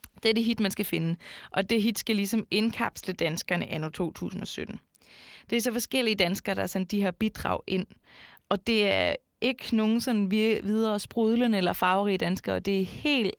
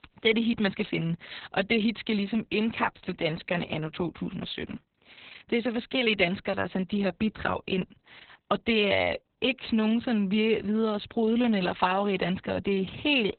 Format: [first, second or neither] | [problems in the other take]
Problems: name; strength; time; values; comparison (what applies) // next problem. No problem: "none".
first | garbled, watery; badly; nothing above 4 kHz; slightly in the first